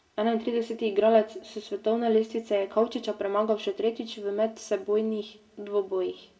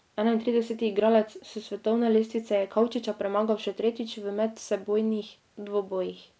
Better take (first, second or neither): second